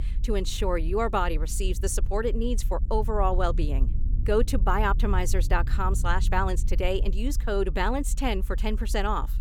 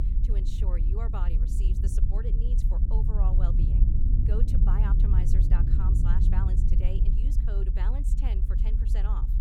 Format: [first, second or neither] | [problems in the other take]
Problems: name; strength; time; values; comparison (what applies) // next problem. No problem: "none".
first | low rumble; loud; throughout; as loud as the speech; faint in the first